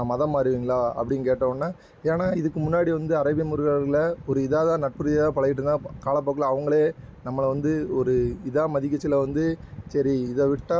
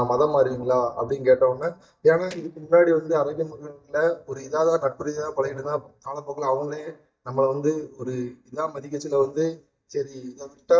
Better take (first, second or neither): first